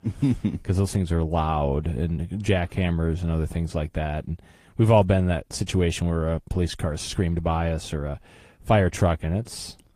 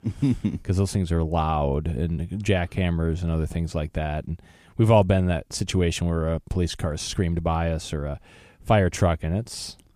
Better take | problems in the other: second | garbled, watery; slightly; nothing above 15 kHz

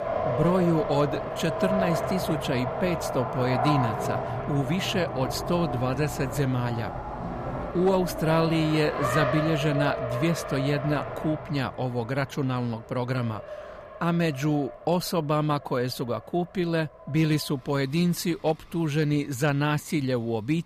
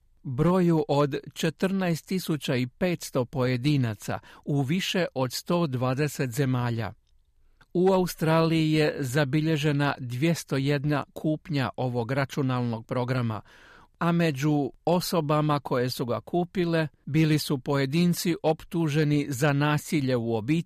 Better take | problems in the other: second | traffic noise; loud; throughout; 4 dB below the speech

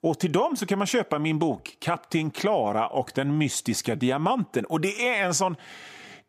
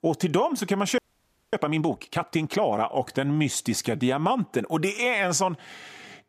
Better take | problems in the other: first | audio freezing; at 1 s for 0.5 s

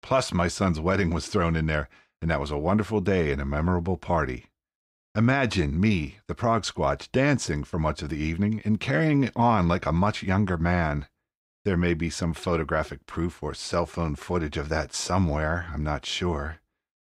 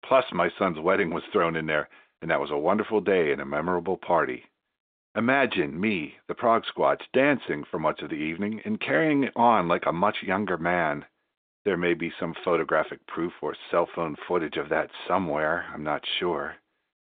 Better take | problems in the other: first | phone-call audio; nothing above 3.5 kHz

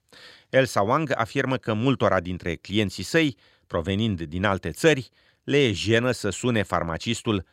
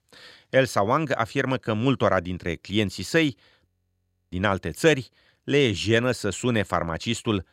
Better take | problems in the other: first | audio freezing; at 3.5 s for 0.5 s

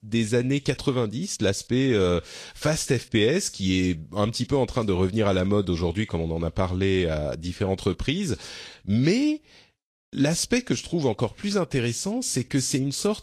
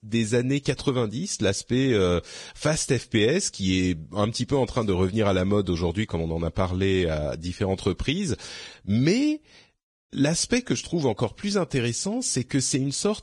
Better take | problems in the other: first | garbled, watery; badly; slightly in the first

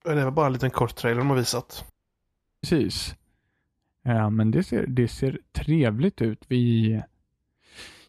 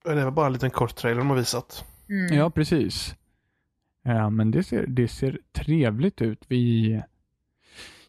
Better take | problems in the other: second | audio cutting out; at 2 s for 0.5 s

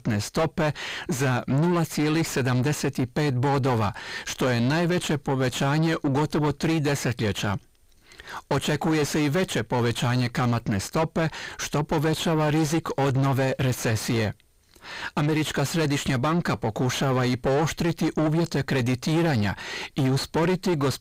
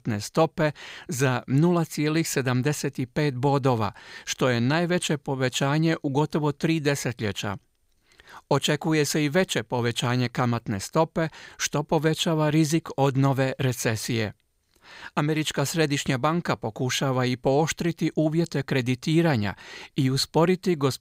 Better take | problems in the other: second | distortion; heavy; 6 dB below the speech

